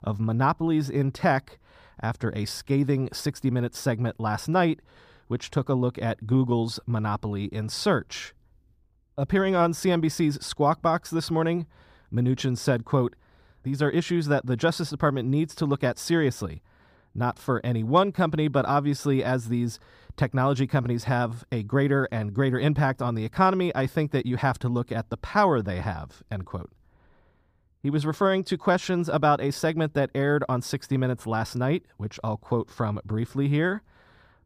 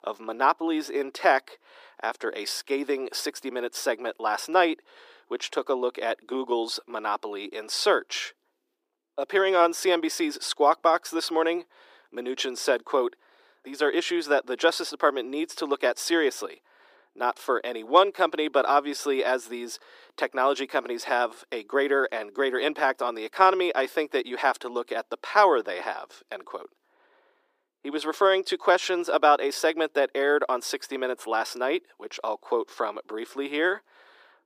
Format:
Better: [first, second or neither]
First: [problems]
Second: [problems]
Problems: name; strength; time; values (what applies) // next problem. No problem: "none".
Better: first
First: none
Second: thin; very; fading below 350 Hz